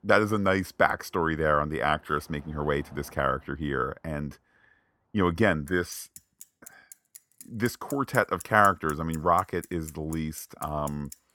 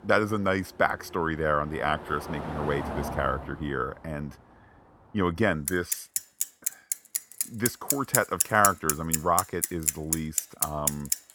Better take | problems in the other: first | traffic noise; loud; throughout; 1 dB below the speech; faint in the first

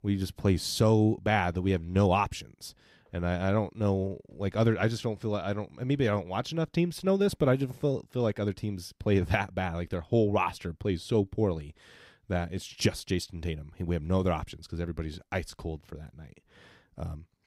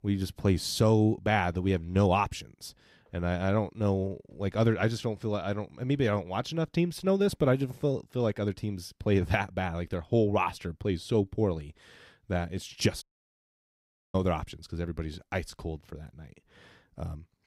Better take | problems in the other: first | audio cutting out; at 13 s for 1 s

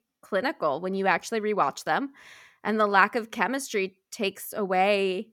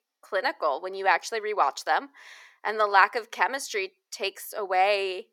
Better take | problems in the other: first | thin; very; fading below 350 Hz

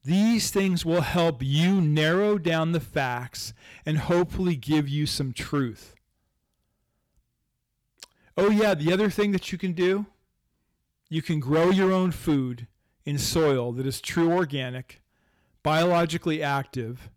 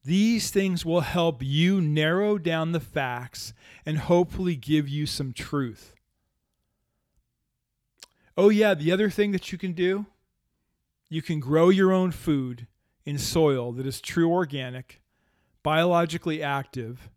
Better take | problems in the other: second | distortion; slight; 8% of the sound clipped

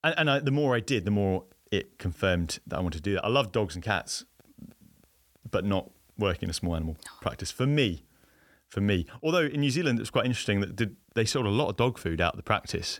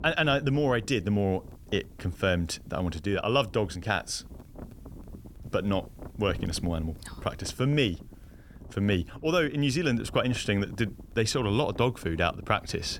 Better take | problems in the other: first | wind noise on the microphone; occasional gusts; 25 dB below the speech

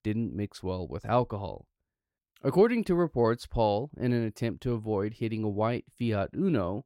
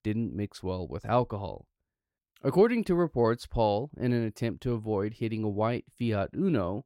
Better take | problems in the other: neither | none

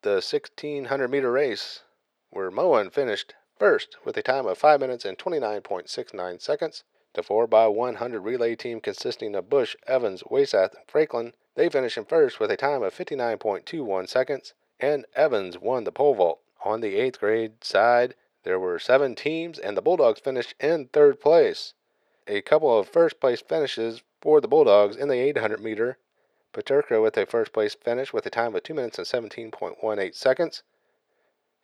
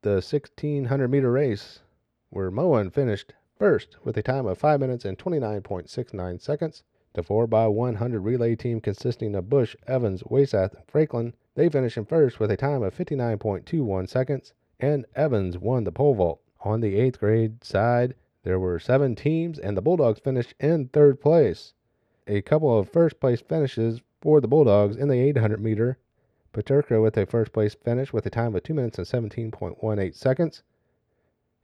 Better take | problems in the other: second | thin; very; fading below 550 Hz

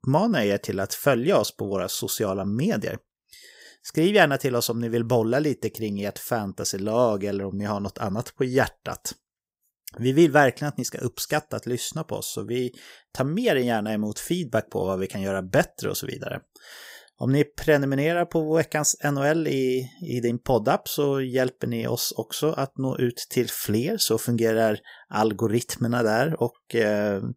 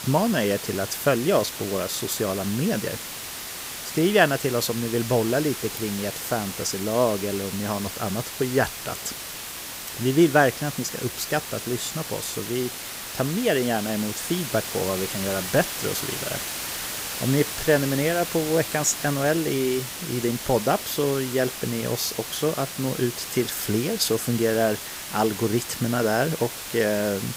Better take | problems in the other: first | hiss; loud; throughout; 6 dB below the speech

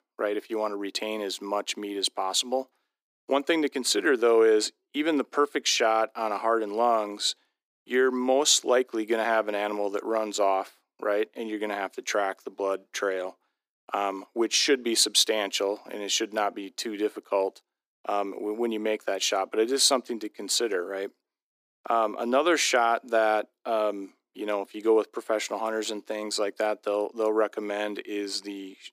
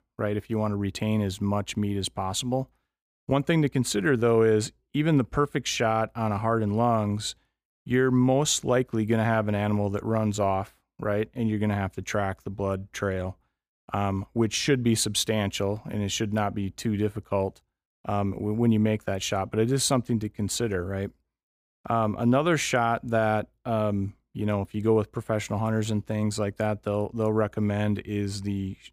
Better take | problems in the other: second | thin; somewhat; fading below 300 Hz

